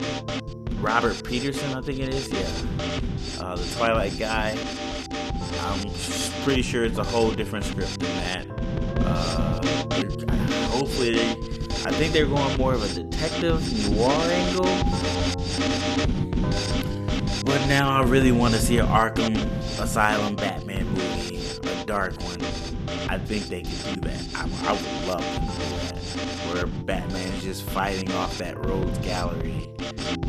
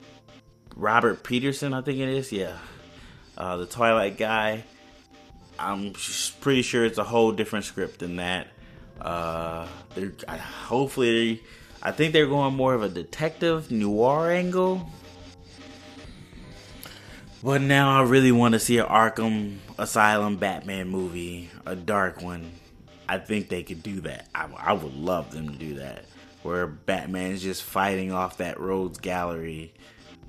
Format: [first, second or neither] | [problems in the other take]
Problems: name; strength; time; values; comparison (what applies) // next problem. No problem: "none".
second | background music; loud; throughout; 1 dB below the speech; faint in the second